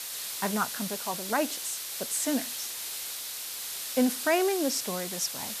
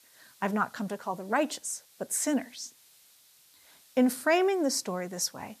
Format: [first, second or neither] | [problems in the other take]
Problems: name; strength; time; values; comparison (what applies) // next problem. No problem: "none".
second | hiss; loud; throughout; 3 dB below the speech; faint in the second